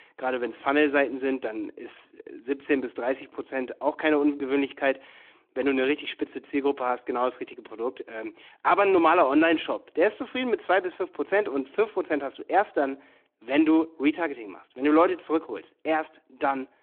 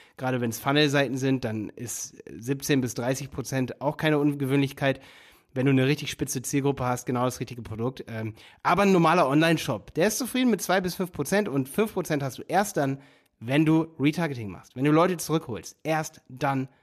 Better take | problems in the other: second | phone-call audio

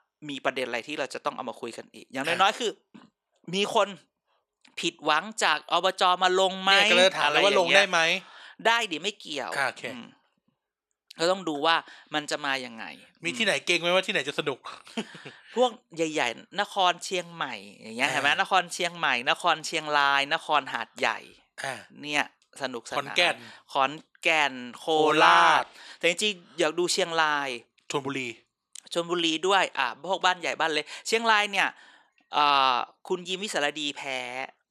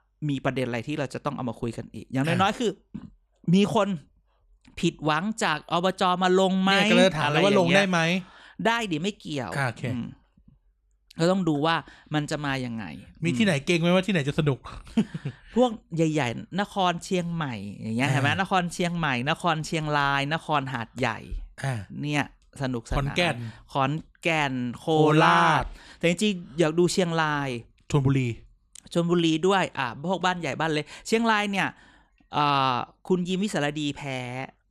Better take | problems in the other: second | thin; somewhat; fading below 450 Hz

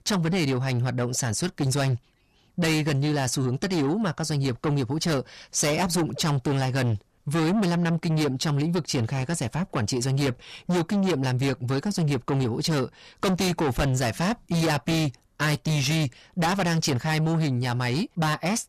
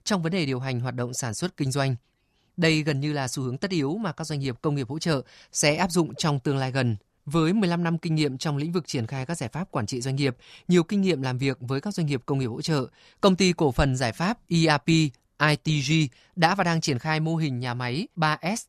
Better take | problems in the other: second | distortion; heavy; 6 dB below the speech

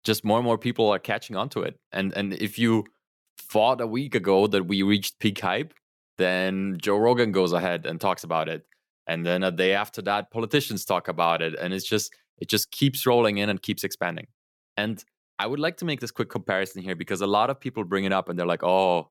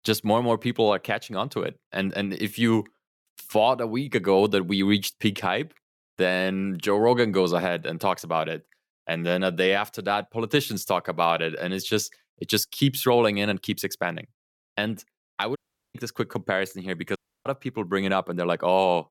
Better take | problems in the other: first | audio cutting out; at 16 s and at 17 s

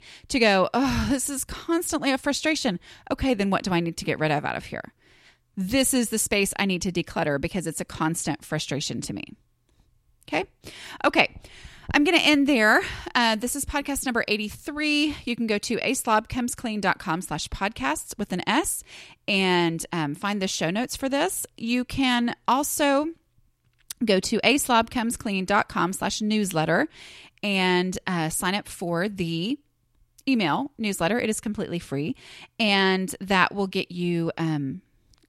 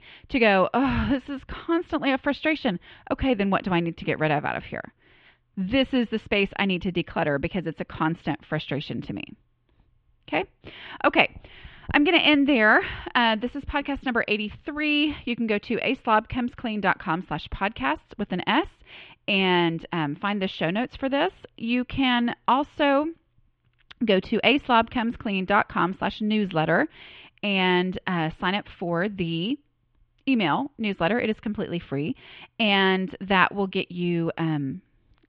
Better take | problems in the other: first | muffled; very; fading above 3.5 kHz

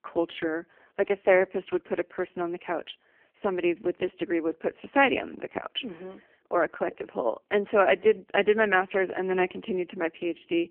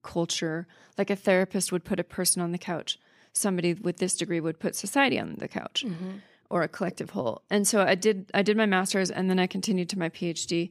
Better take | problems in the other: second | phone-call audio; poor line; nothing above 3 kHz

